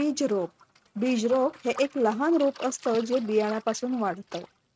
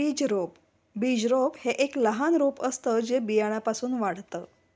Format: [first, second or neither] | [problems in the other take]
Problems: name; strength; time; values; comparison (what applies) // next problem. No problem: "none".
second | noise reduction (neural mask model RNNoise)